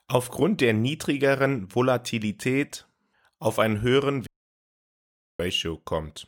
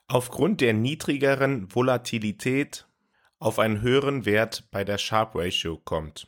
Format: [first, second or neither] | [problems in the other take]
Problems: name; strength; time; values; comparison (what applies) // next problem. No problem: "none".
second | audio cutting out; at 4.5 s for 1 s